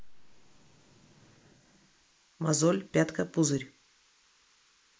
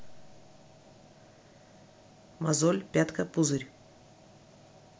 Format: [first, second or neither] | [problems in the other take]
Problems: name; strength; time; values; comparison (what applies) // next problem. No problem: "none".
second | noise reduction (neural mask model Resemble Enhance denoiser)